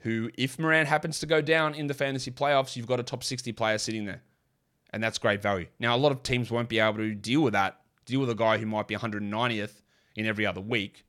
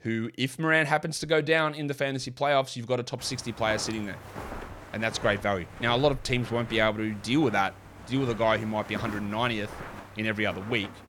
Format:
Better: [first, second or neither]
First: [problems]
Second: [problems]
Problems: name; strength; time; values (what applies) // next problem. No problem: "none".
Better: first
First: none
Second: footsteps; faint; from 3 s on; peak 10 dB below the speech